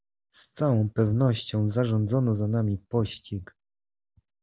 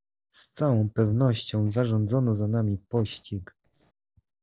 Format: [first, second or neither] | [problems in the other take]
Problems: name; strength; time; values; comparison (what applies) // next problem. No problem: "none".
first | noise reduction (neural separator model SepFormer DNS4)